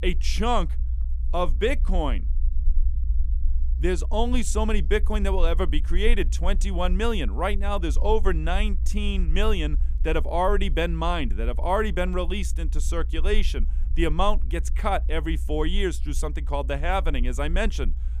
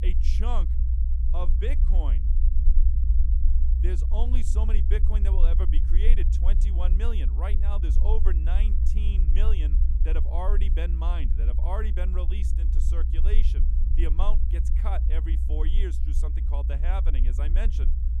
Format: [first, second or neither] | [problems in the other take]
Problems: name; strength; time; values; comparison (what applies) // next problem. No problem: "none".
first | low rumble; loud; throughout; 6 dB below the speech; faint in the first